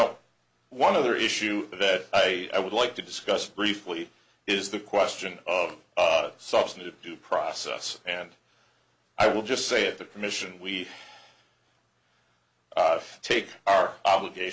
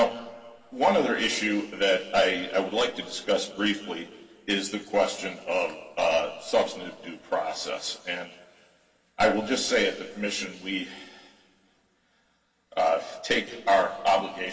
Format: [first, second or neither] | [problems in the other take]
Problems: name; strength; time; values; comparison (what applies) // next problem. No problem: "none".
first | room echo; dies away in 2.7 s